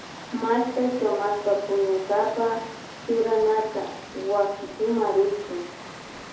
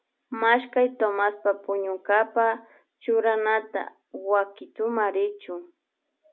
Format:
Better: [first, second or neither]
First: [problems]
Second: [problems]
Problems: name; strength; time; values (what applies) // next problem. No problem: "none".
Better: second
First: background sound (Water); 15 dB below the speech // room echo; dies away in 2.3 s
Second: none